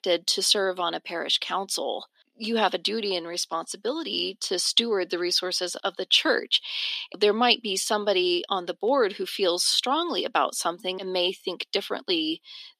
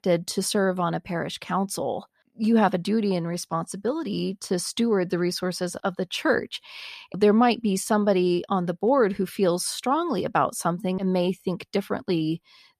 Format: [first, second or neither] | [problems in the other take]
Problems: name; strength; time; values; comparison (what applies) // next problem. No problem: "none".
second | thin; somewhat; fading below 250 Hz